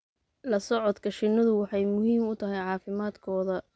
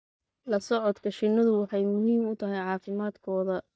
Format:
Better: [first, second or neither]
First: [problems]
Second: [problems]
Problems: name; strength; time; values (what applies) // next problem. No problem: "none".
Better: first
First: none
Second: noise reduction (neural mask model DeepFilterNet 3)